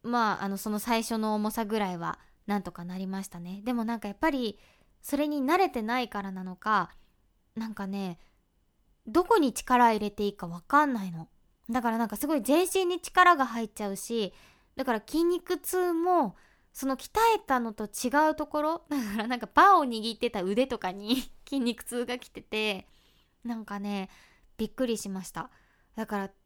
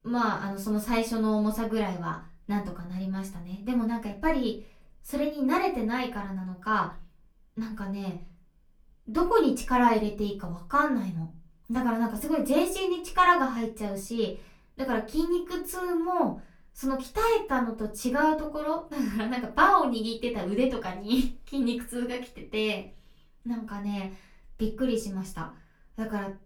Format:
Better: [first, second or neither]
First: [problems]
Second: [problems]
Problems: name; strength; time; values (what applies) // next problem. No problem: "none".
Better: first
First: none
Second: off-mic speech; far // room echo; very slight; dies away in 0.3 s